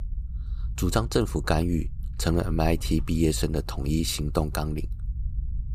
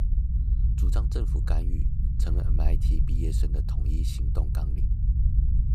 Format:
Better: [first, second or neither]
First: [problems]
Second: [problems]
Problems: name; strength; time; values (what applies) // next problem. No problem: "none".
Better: first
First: low rumble; faint; throughout; 25 dB below the speech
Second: low rumble; loud; throughout; 2 dB below the speech